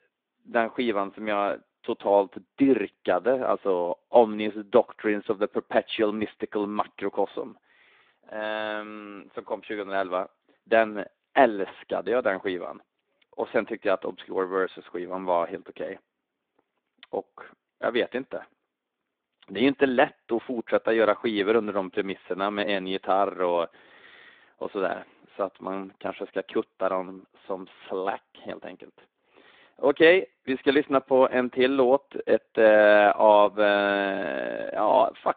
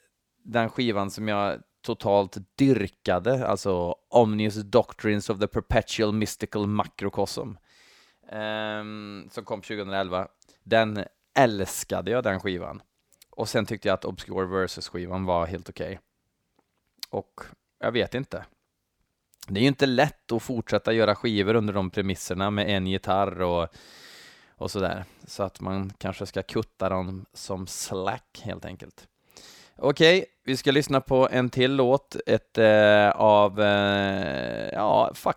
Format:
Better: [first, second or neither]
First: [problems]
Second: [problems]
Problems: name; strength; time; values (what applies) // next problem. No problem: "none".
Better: second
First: phone-call audio; nothing above 3.5 kHz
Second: none